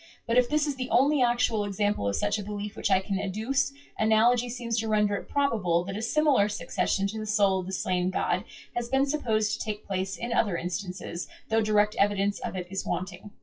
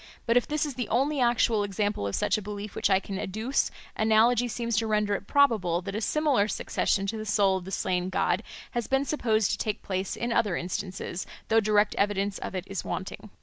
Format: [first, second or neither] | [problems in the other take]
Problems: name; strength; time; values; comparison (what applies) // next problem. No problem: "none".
second | noise reduction (classical method WPE with log-MMSE)